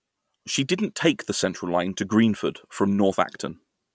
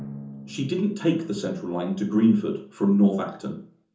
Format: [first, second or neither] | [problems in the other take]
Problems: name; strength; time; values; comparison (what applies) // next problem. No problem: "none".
first | background sound (Drum); 20 dB below the speech // room echo; dies away in 0.5 s